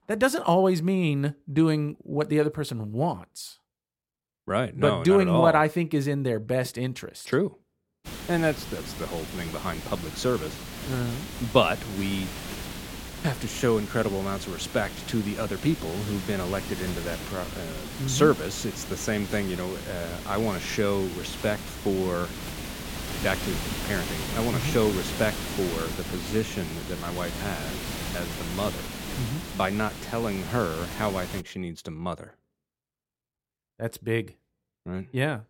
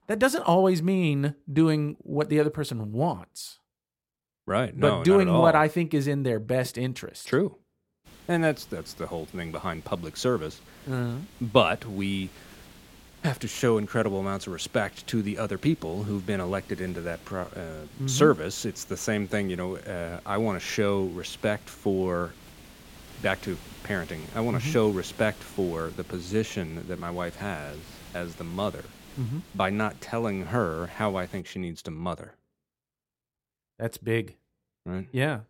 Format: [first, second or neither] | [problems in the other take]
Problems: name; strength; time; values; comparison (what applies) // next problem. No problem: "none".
second | hiss; loud; from 8 to 31 s; 8 dB below the speech; faint in the second